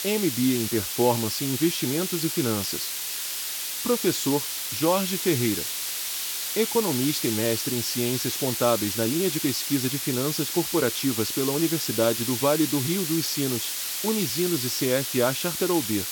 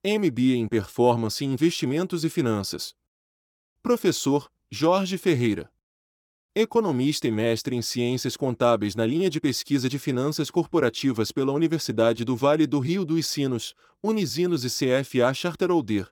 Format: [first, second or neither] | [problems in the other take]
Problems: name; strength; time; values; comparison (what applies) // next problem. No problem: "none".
second | hiss; loud; throughout; 1 dB below the speech